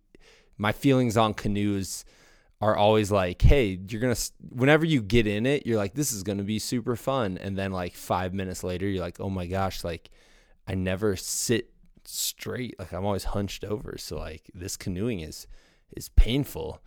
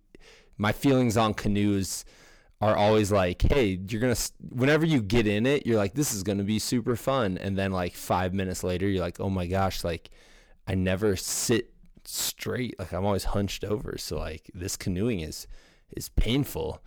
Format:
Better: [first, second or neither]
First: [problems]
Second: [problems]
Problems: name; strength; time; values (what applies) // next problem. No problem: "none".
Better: first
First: none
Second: distortion; heavy; 7 dB below the speech